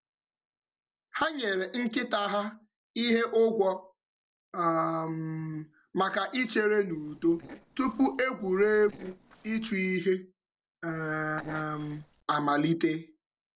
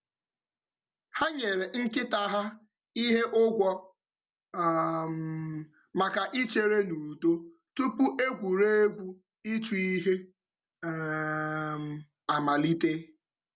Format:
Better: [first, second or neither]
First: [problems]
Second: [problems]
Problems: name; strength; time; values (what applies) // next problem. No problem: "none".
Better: second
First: noise reduction (neural separator model SepFormer DNS4)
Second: none